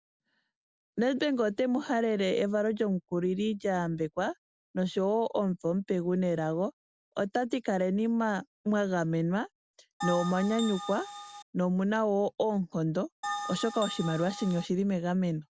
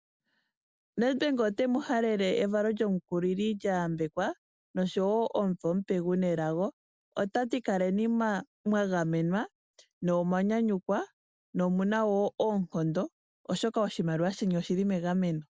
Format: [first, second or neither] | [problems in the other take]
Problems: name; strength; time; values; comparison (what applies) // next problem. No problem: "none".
second | background sound (Bell); 8 dB below the speech